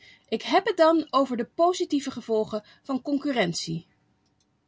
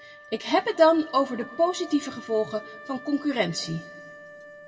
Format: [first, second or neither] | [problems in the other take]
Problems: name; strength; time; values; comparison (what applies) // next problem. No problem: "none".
first | background sound (Wind instrument, woodwind instrument); 18 dB below the speech // room echo; dies away in 1 s